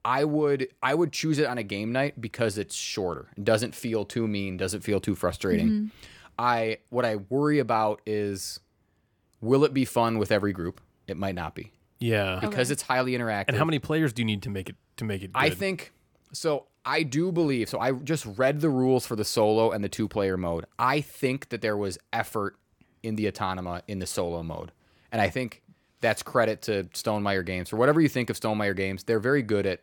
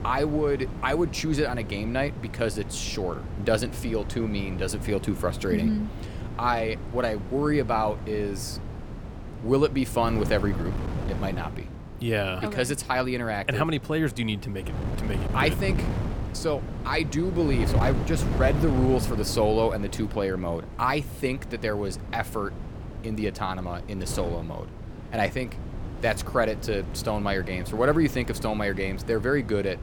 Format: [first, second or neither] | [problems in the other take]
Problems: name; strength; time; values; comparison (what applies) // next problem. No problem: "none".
first | wind noise on the microphone; occasional gusts; 15 dB below the speech